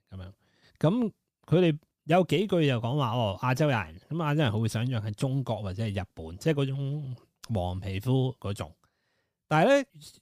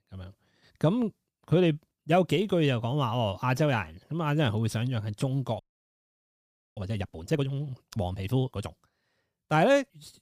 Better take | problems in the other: first | audio freezing; at 5.5 s for 1 s

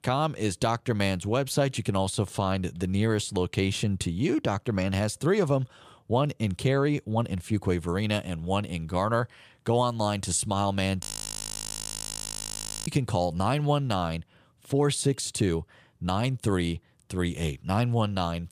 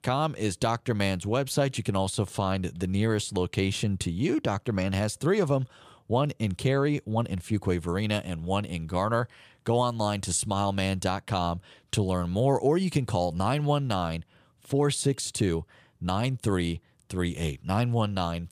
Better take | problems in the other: second | audio freezing; at 11 s for 2 s

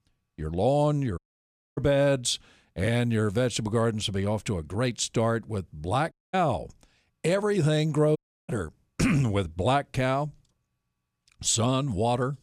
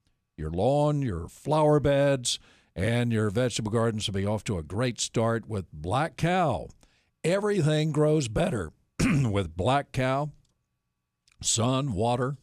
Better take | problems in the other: second | audio cutting out; at 1 s for 0.5 s, at 6 s and at 8 s

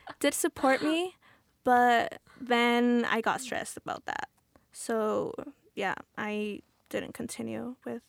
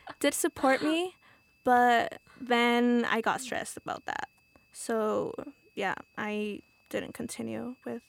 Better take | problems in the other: first | high-pitched whine; faint; throughout; 2.5 kHz, 35 dB below the speech

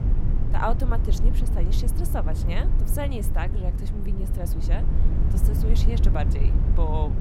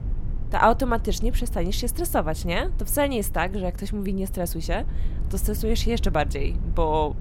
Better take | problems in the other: second | low rumble; loud; throughout; 6 dB below the speech; faint in the second

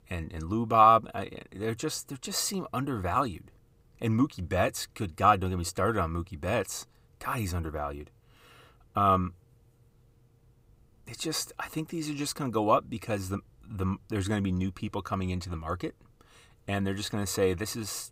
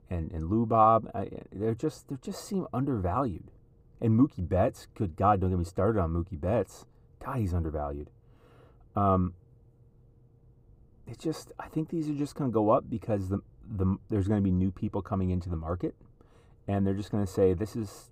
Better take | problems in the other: first | muffled; slightly; fading above 1 kHz

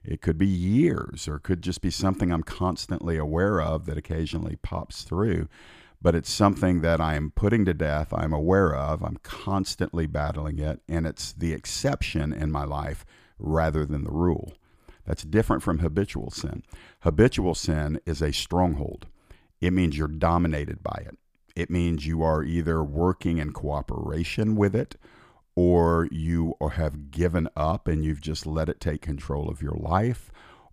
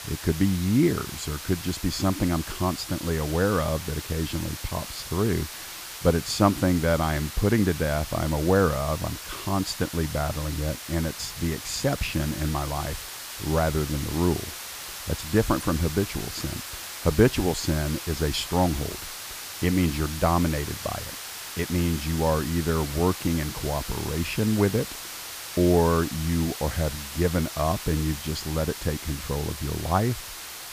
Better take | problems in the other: first | hiss; loud; throughout; 9 dB below the speech

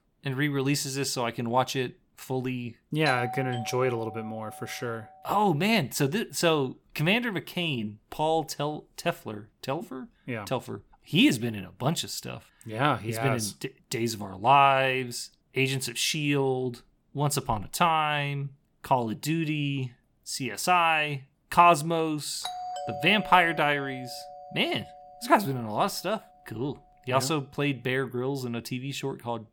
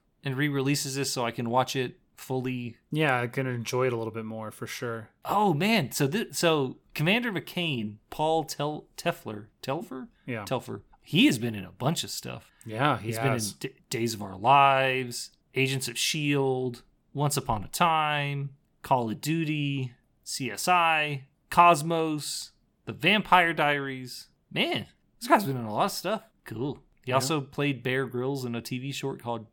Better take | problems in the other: second | doorbell; noticeable; from 3 to 5 s and from 22 to 25 s; peak 6 dB below the speech

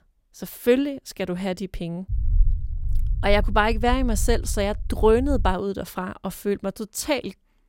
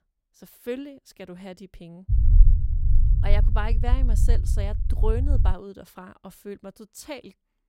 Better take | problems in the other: first | low rumble; loud; from 2 to 5.5 s; 7 dB below the speech; faint in the first

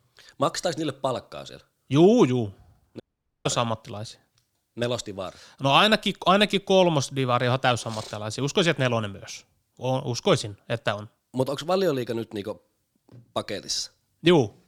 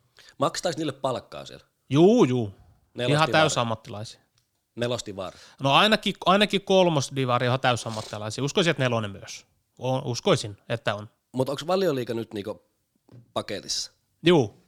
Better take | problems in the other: second | audio cutting out; at 3 s

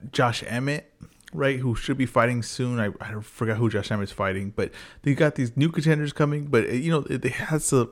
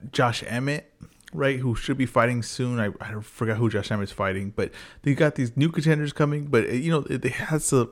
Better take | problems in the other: neither | none

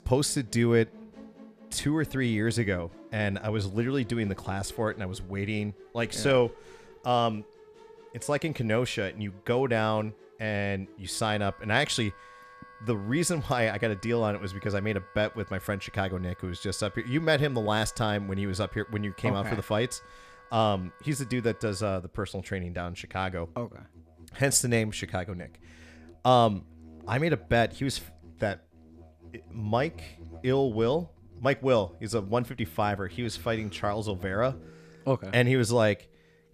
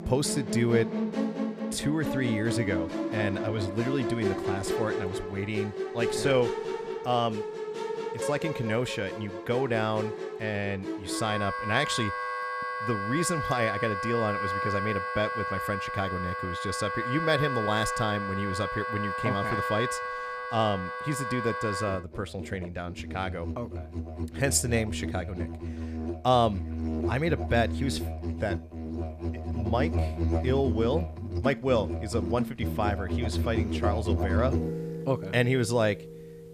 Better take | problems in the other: first | background music; loud; throughout; 3 dB below the speech; faint in the first

